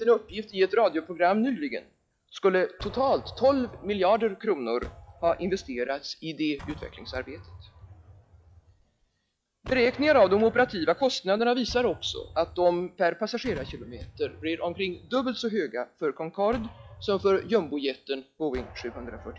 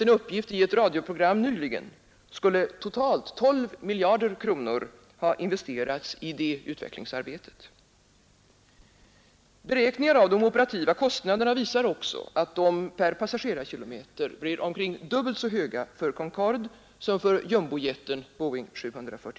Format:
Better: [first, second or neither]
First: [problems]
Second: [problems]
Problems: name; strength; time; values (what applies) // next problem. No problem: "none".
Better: second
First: noise reduction (classical method log-MMSE)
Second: none